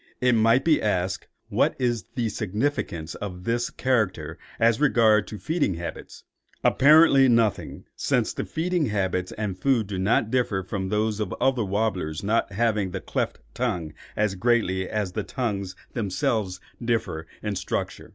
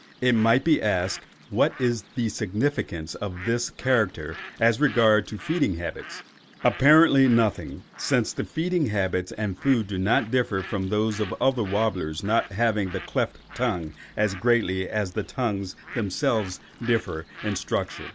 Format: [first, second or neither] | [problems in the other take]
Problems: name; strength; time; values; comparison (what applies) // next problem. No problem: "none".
first | background sound (Bird); 19 dB below the speech